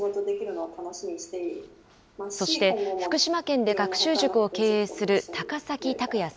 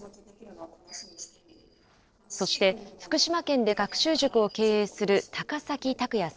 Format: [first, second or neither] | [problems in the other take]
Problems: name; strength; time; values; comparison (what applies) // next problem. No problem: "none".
first | noise reduction (neural separator model SepFormer DNS4)